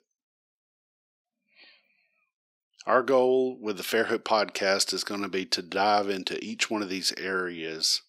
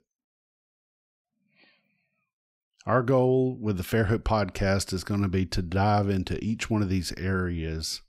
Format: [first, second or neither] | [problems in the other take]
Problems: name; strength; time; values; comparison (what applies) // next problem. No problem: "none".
second | thin; somewhat; fading below 300 Hz